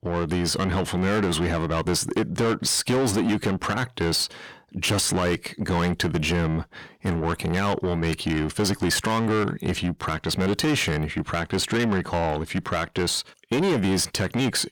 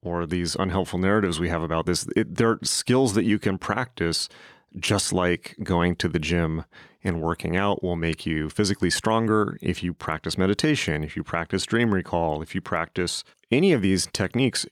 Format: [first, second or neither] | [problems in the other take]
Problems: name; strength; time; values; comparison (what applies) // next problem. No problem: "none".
second | distortion; heavy; 6 dB below the speech